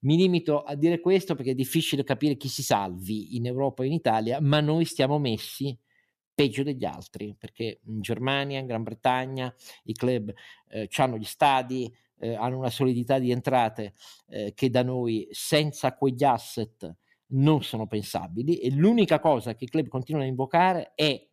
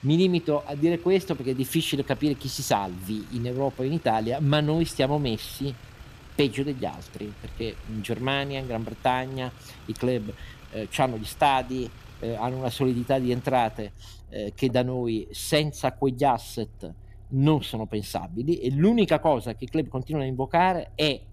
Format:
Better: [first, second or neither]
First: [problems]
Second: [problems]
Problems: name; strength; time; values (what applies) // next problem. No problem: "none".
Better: first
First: none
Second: traffic noise; faint; throughout; 20 dB below the speech